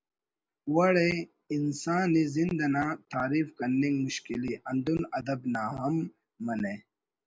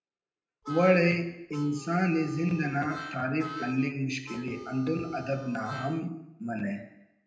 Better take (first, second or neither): first